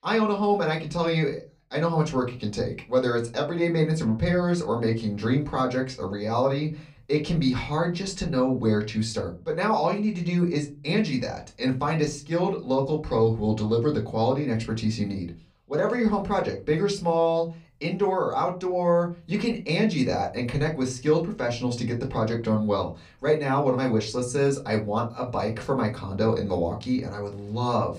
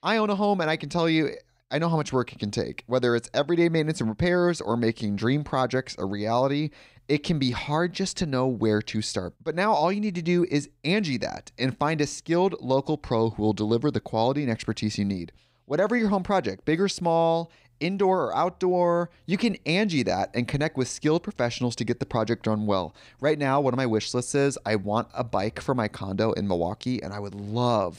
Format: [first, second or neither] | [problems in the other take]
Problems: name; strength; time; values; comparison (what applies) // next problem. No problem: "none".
second | off-mic speech; somewhat distant // room echo; very slight; dies away in 0.2 s